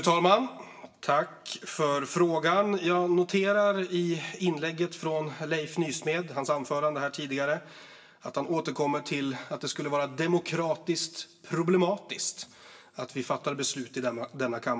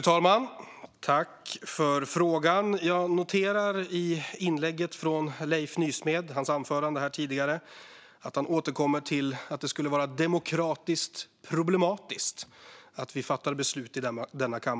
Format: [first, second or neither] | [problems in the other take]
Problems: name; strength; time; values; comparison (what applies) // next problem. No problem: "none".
second | room echo; dies away in 0.7 s